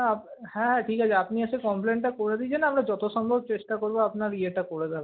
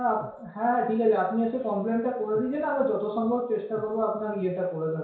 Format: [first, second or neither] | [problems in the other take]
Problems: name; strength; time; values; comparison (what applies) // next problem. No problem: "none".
first | background sound (Breathing); 19 dB below the speech // room echo; dies away in 0.6 s